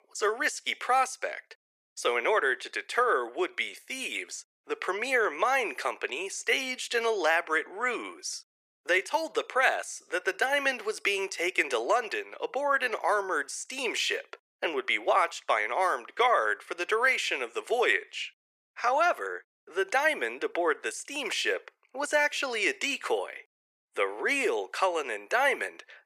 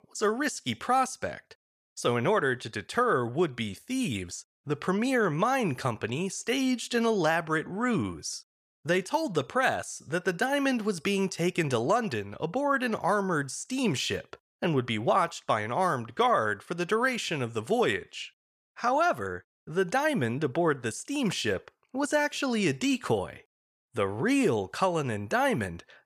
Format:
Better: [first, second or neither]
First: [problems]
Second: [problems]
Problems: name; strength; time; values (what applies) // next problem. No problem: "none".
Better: second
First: thin; very; fading below 350 Hz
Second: none